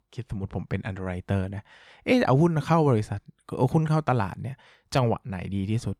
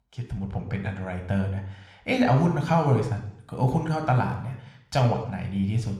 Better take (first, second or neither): first